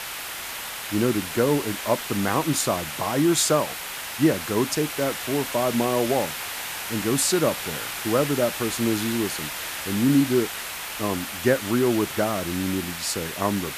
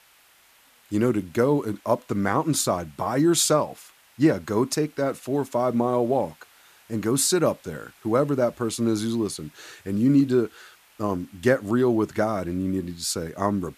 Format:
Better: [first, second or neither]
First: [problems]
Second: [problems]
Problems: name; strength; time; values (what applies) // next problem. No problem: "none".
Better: second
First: hiss; loud; throughout; 6 dB below the speech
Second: hiss; faint; throughout; 30 dB below the speech